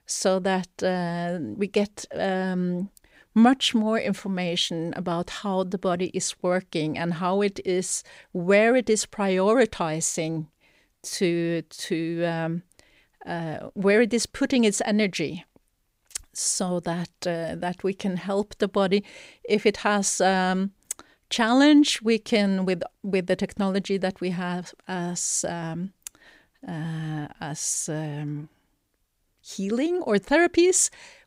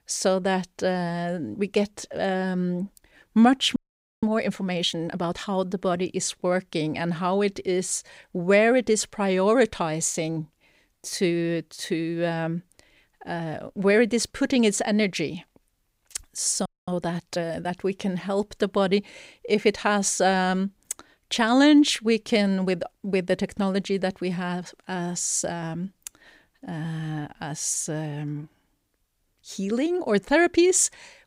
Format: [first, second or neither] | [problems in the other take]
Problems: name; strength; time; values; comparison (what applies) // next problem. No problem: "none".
first | audio freezing; at 4 s and at 17 s